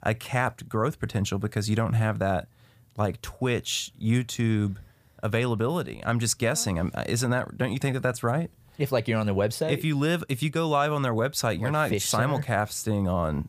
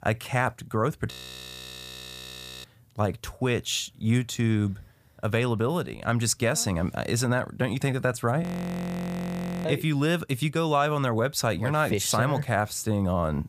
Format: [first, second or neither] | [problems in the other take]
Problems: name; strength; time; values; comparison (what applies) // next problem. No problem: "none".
first | audio freezing; at 1 s for 1.5 s and at 8.5 s for 1 s